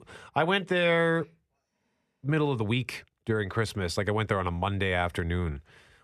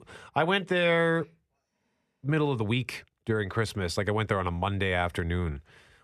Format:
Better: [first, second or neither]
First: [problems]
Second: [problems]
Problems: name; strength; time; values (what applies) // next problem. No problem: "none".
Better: neither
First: none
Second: none